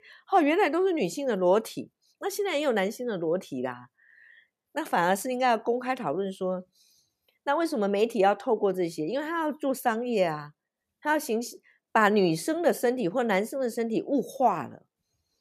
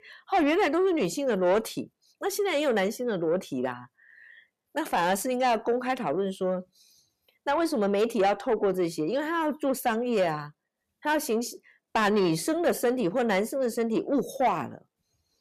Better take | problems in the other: first | distortion; slight; 10 dB below the speech

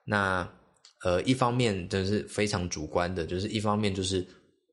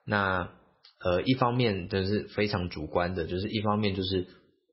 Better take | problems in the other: first | garbled, watery; badly; nothing above 5.5 kHz; slightly in the first

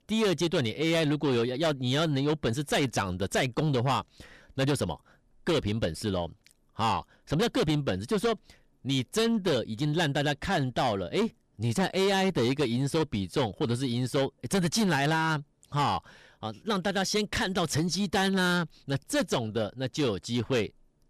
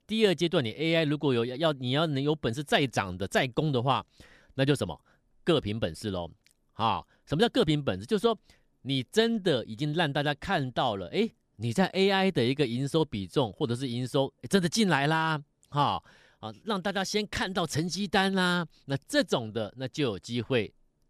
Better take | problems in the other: second | distortion; heavy; 8 dB below the speech

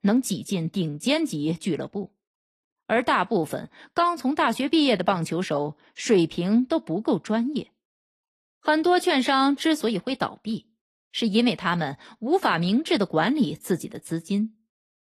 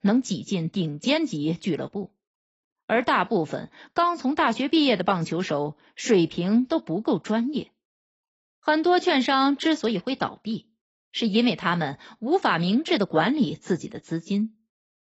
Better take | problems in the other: first | garbled, watery; badly; nothing above 7.5 kHz; slightly in the first

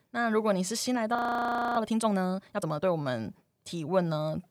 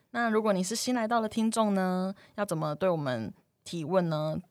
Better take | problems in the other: second | audio freezing; at 1 s for 0.5 s

